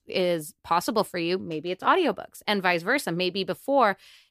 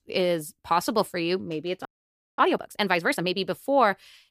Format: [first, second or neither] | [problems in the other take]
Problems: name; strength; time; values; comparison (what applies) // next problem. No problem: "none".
first | audio freezing; at 2 s for 0.5 s